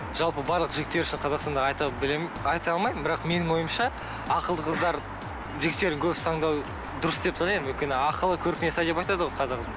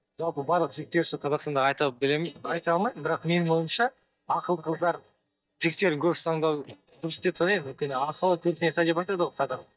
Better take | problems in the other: first | noise reduction (neural mask model DeepFilterNet 3)

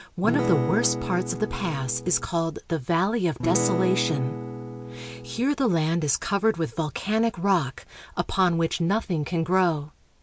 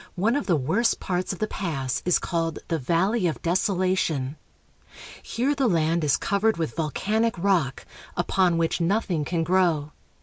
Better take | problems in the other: second | background sound (Acoustic guitar / Strum); 4 dB below the speech

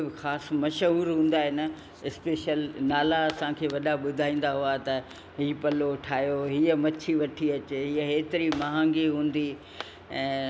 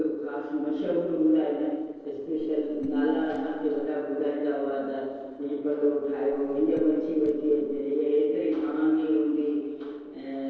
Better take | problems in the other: first | noise reduction (neural separator model SepFormer DNS4)

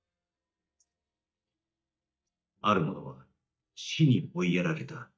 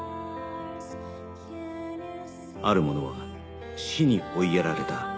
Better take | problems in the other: second | noise reduction (neural mask model DeepFilterNet 3)

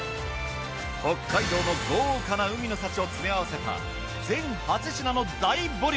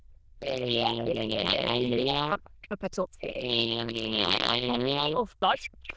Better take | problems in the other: first | noise reduction (neural diffusion model UNIVERSE++)

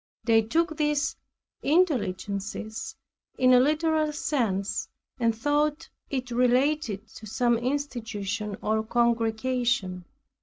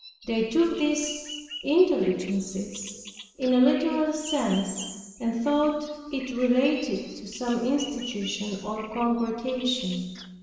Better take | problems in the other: first | background sound (Bird vocalization, bird call, bird song); 18 dB below the speech // room echo; dies away in 1.2 s

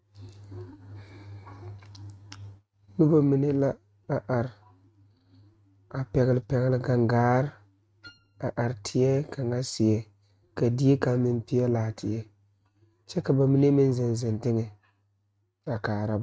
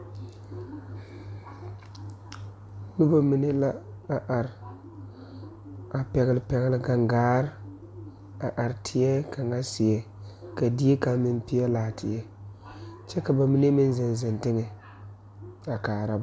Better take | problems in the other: second | noise reduction (neural mask model RNNoise)

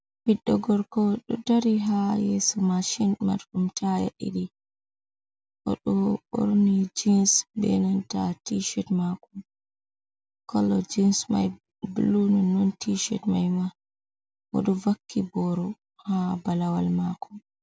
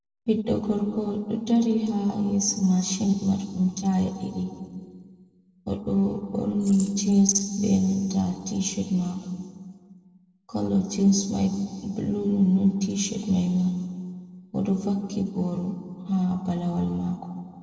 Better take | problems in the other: first | noise reduction (neural separator model SepFormer DNS4)

